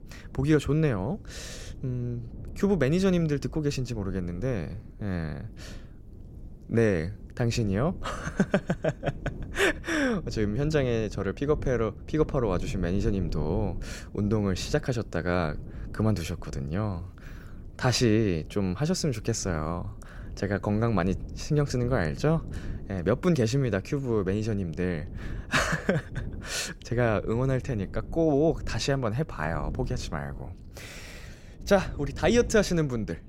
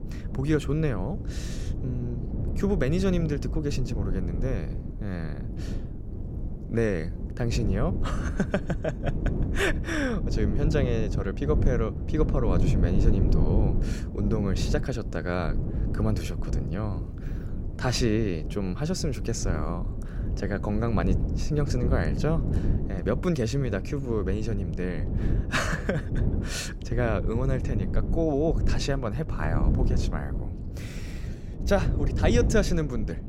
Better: first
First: low rumble; faint; throughout; 20 dB below the speech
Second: low rumble; loud; throughout; 9 dB below the speech

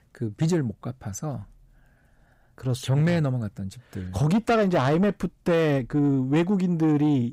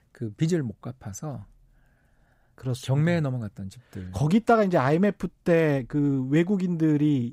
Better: second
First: distortion; slight; 10 dB below the speech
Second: none

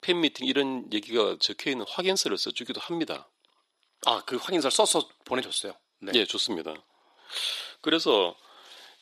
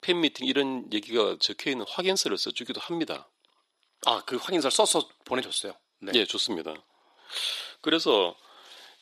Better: neither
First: thin; somewhat; fading below 350 Hz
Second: thin; somewhat; fading below 350 Hz

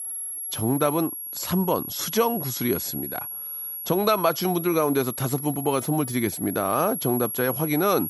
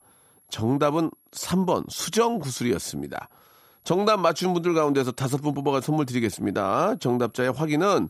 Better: second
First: high-pitched whine; loud; throughout; 11.5 kHz, 6 dB below the speech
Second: high-pitched whine; faint; throughout; 11.5 kHz, 35 dB below the speech

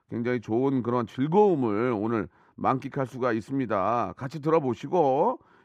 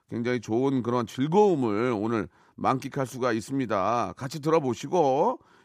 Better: second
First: muffled; slightly; fading above 3.5 kHz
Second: none

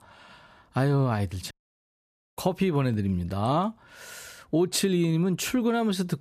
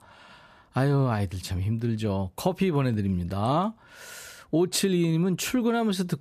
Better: second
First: audio cutting out; at 1.5 s for 1 s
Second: none

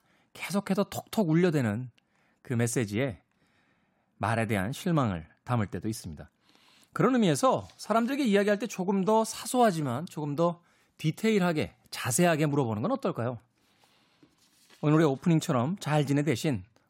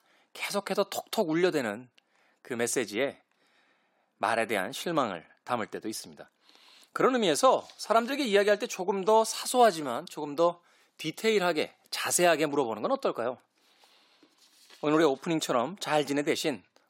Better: first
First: none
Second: thin; somewhat; fading below 400 Hz

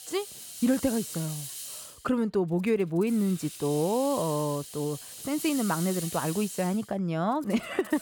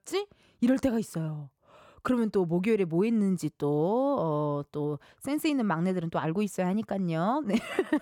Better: second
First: hiss; loud; throughout; 9 dB below the speech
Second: none

